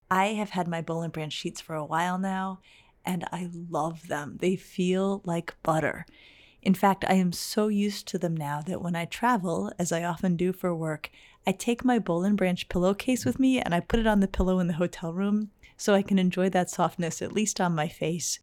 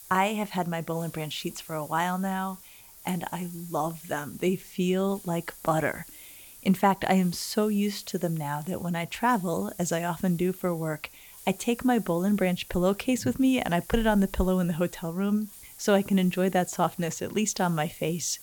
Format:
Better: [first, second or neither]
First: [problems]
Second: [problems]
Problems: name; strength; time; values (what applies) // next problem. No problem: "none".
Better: first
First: none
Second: hiss; noticeable; throughout; 20 dB below the speech